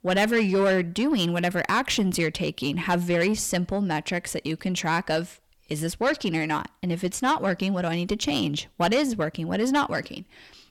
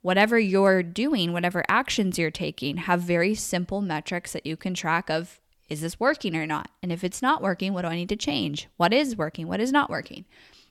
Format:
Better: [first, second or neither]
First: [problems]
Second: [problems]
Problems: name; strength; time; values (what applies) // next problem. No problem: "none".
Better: second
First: distortion; slight; 10 dB below the speech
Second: none